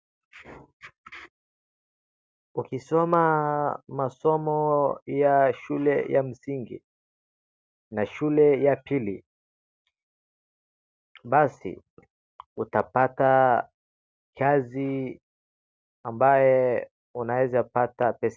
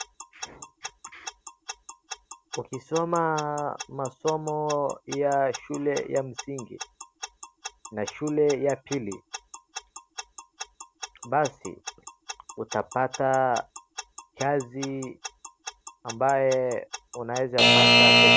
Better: first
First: none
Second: background sound (Alarm / Clock); as loud as the speech

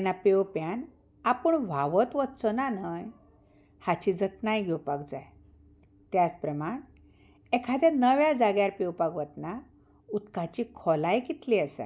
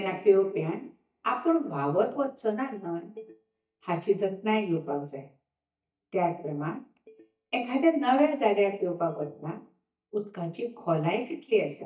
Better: first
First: none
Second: noise reduction (neural mask model DeepFilterNet 3)

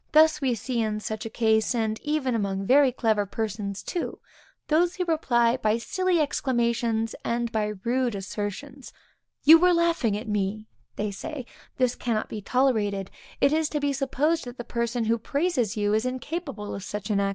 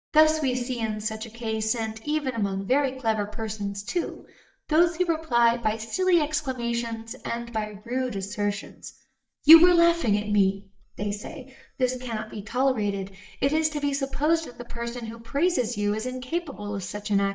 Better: first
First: none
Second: noise reduction (neural mask model DeepFilterNet 3)

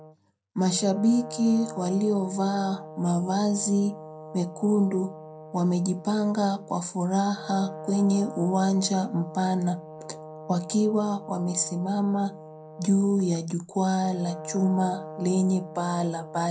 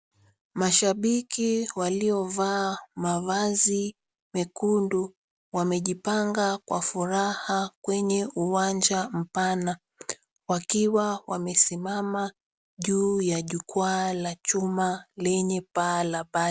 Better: second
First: background sound (Brass instrument); 15 dB below the speech // room echo; dies away in 0.2 s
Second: none

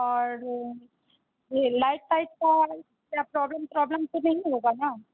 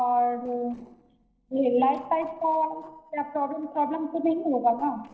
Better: first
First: none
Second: noise reduction (neural separator model SepFormer DNS4)

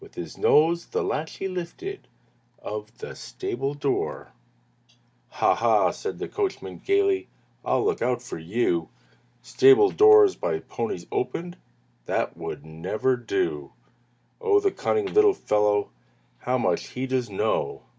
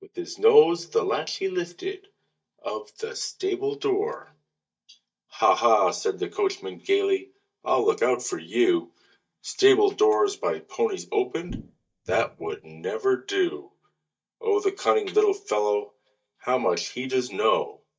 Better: first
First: none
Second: noise reduction (neural mask model DeepFilterNet 3)

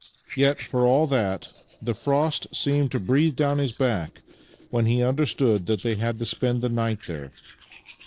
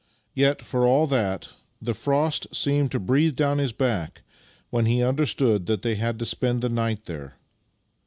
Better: second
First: noise reduction (neural separator model SepFormer DNS4)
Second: none

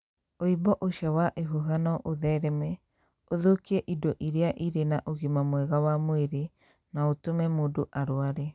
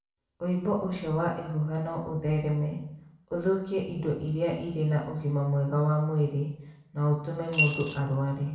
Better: first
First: none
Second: background sound (Coin (dropping) / Glass); 2 dB below the speech // room echo; dies away in 0.7 s

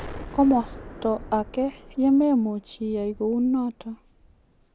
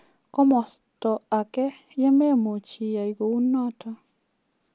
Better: second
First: background sound (Explosion); 17 dB below the speech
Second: none

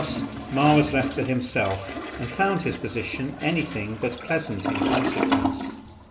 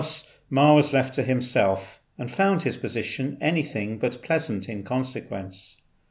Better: second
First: background sound (Toilet flush); 4 dB below the speech // room echo; dies away in 0.8 s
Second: none

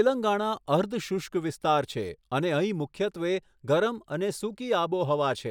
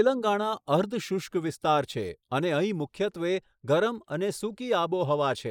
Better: first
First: none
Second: noise reduction (neural mask model Resemble Enhance denoiser)

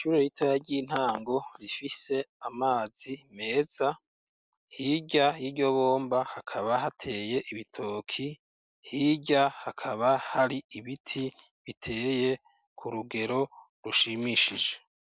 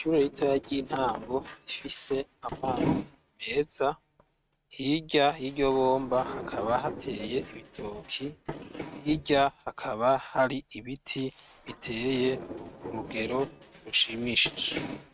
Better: first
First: none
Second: noise reduction (neural mask model RNNoise)

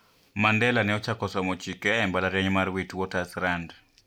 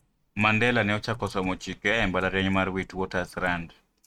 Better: first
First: none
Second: noise reduction (neural mask model RNNoise)

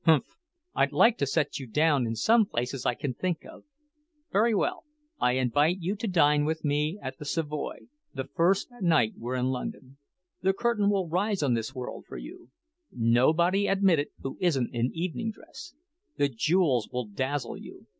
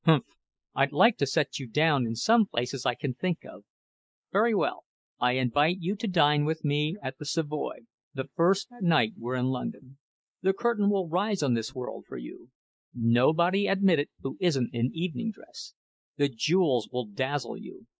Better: first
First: none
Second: noise reduction (neural mask model Resemble Enhance denoiser)

